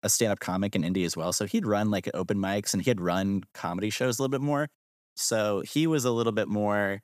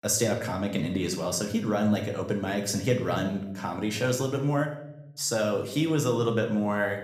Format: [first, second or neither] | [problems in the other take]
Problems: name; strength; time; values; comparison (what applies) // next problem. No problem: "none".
first | room echo; slight; dies away in 0.7 s